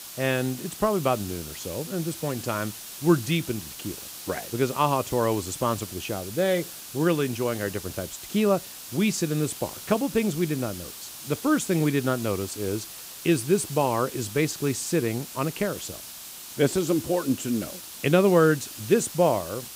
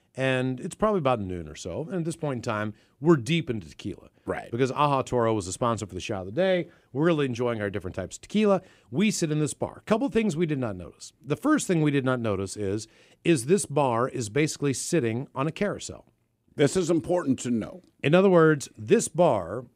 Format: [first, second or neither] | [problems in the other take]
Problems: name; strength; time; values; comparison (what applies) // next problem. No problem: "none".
second | hiss; noticeable; throughout; 10 dB below the speech